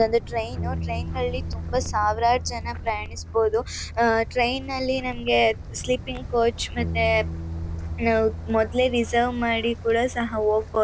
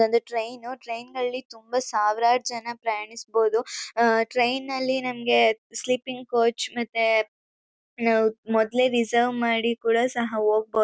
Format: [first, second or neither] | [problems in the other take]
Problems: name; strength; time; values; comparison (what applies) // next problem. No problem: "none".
second | background sound (Wind + Bass guitar); 8 dB below the speech